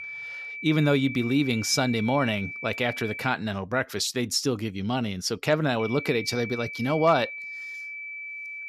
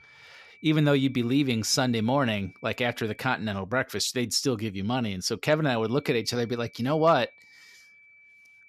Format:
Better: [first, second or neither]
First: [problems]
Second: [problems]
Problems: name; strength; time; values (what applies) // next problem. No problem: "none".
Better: second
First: high-pitched whine; loud; until 3.5 s and from 6 s on; 2.5 kHz, 9 dB below the speech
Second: high-pitched whine; faint; until 3.5 s and from 6 s on; 2.5 kHz, 25 dB below the speech